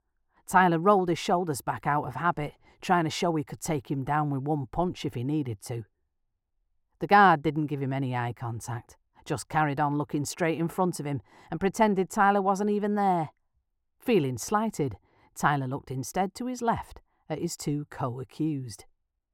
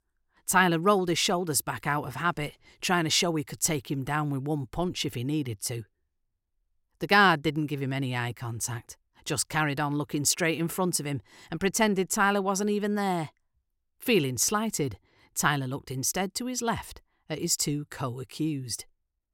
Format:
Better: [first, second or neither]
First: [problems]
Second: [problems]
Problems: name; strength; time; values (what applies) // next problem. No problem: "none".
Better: second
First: muffled; slightly; fading above 2 kHz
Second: none